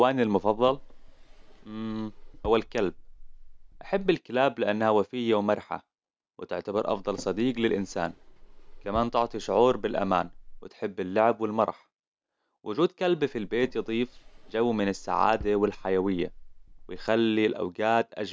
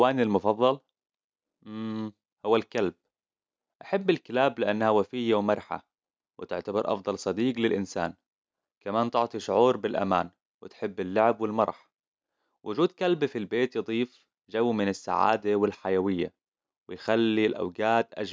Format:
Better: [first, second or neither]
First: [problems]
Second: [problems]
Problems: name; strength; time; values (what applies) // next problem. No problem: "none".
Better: second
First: background sound (Drawer open or close); 16 dB below the speech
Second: none